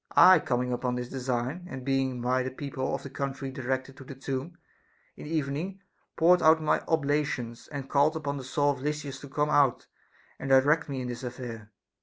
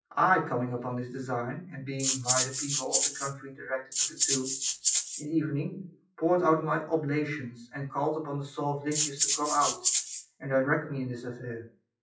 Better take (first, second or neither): first